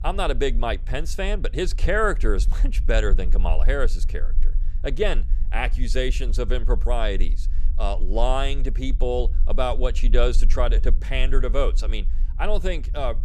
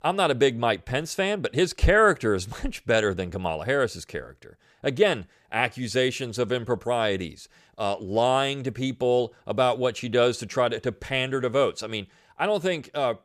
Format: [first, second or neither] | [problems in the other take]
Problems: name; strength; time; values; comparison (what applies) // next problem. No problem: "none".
second | low rumble; faint; throughout; 25 dB below the speech